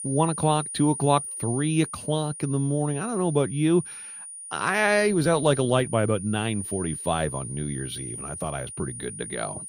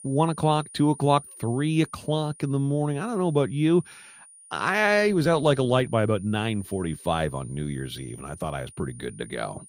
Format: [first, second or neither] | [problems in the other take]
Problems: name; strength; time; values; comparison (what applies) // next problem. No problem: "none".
second | high-pitched whine; loud; throughout; 9.5 kHz, 9 dB below the speech; faint in the second